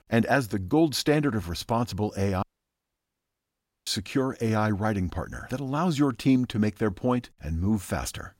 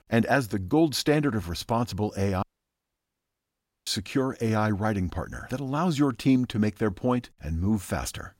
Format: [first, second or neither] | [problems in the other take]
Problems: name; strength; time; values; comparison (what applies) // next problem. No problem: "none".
neither | audio cutting out; at 2.5 s for 1.5 s; the same in both